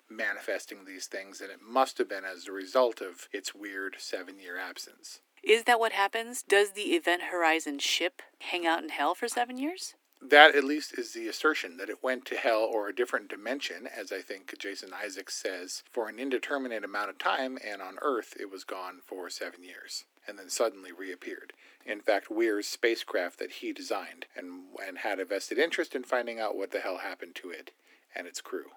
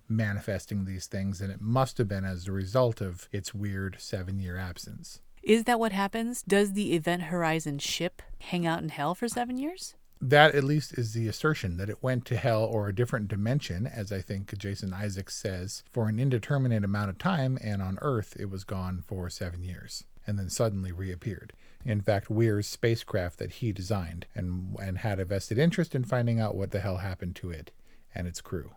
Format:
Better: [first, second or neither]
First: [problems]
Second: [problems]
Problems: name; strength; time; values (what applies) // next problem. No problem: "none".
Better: second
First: thin; very; fading below 250 Hz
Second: none